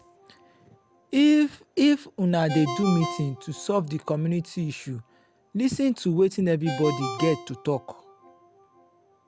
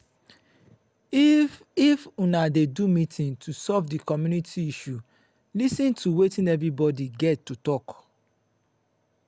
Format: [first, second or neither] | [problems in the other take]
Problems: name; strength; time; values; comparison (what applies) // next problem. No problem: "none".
second | background sound (Ringtone); 14 dB below the speech